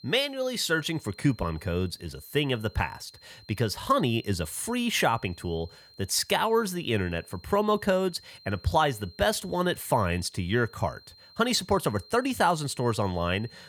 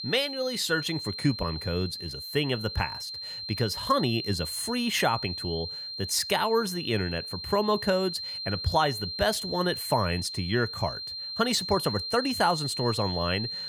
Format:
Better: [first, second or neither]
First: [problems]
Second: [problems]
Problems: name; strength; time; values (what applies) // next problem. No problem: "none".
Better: first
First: high-pitched whine; faint; throughout; 4 kHz, 25 dB below the speech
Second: high-pitched whine; loud; throughout; 4 kHz, 5 dB below the speech